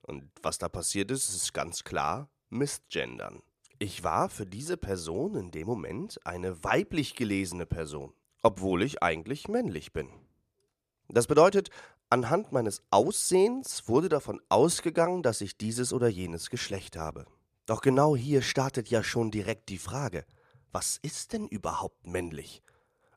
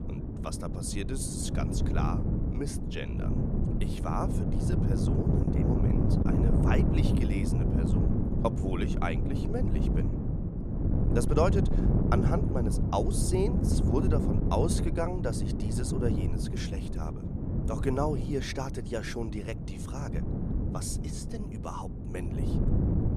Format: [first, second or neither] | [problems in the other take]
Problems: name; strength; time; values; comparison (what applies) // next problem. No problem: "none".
first | wind noise on the microphone; heavy; 2 dB below the speech